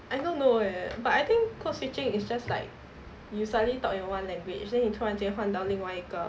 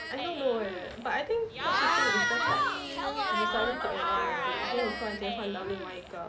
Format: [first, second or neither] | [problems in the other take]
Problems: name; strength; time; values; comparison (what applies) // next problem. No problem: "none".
first | background sound (Crowd / Cheering); 3 dB above the speech